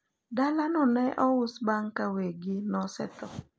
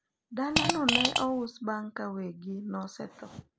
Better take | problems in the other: first | background sound (Fart); 5 dB above the speech

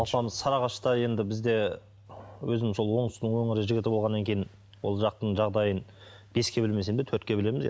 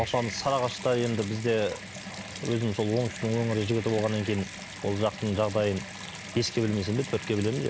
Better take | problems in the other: first | background sound (Bathtub (filling or washing) / Water tap, faucet); 12 dB below the speech

